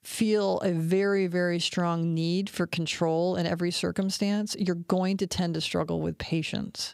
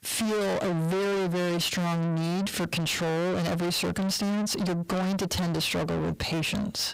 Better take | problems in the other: first | distortion; heavy; 6 dB below the speech

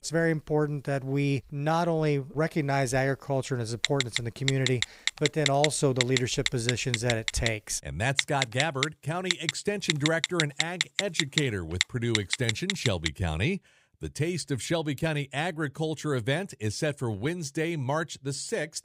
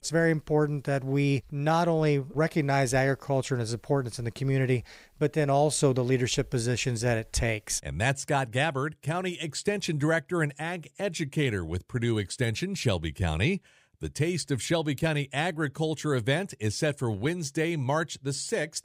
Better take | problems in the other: second | phone ringing; loud; from 4 to 13 s; peak 2 dB above the speech

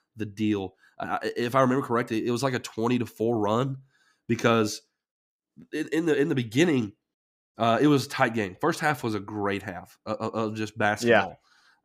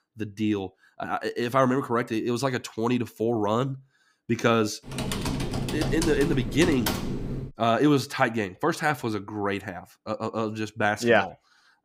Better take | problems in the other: first | keyboard typing; noticeable; from 5 to 7.5 s; peak 2 dB below the speech

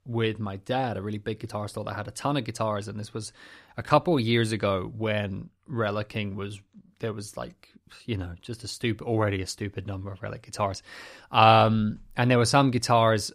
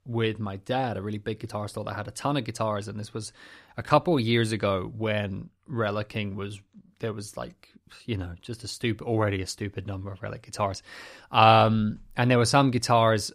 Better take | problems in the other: neither | none

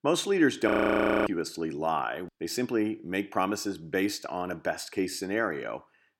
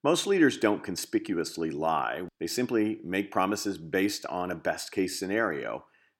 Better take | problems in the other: second | audio freezing; at 0.5 s for 0.5 s

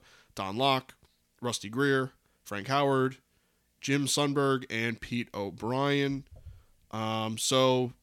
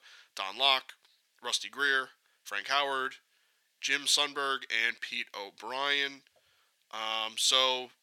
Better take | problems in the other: first | thin; very; fading below 650 Hz

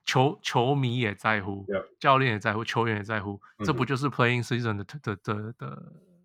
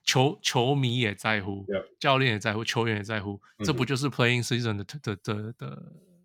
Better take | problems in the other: second | muffled; slightly; fading above 3 kHz

